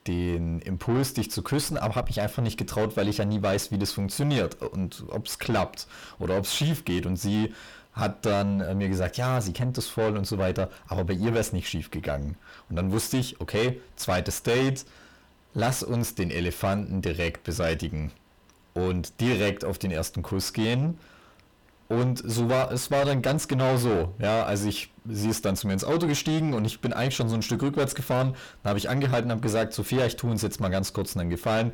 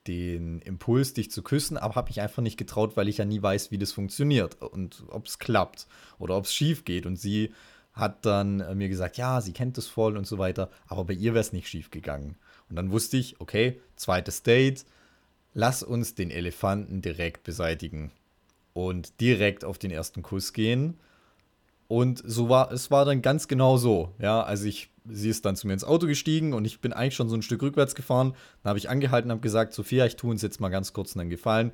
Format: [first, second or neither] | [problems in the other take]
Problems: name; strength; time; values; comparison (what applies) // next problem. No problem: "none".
second | distortion; heavy; 5 dB below the speech